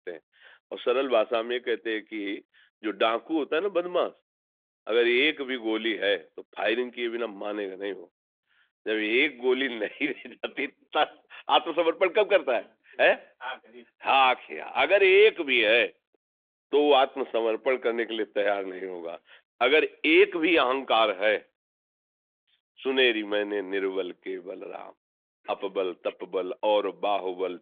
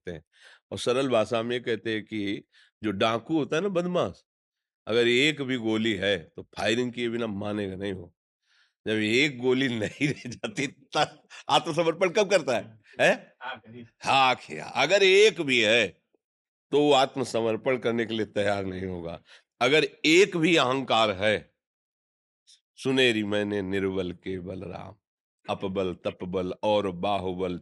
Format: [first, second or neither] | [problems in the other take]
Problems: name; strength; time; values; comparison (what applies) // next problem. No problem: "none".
second | phone-call audio; nothing above 3.5 kHz